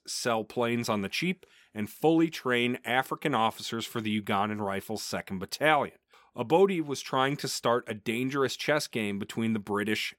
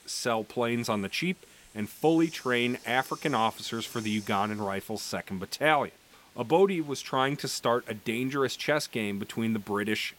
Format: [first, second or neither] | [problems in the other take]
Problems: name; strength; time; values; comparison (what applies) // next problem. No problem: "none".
first | hiss; faint; throughout; 20 dB below the speech